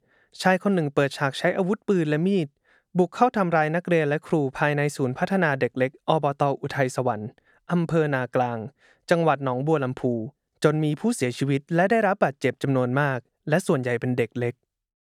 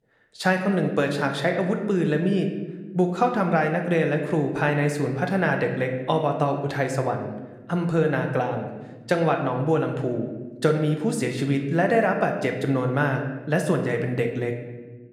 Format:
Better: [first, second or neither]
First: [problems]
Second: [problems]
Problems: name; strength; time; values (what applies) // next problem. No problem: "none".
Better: first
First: none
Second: room echo; slight; dies away in 1 s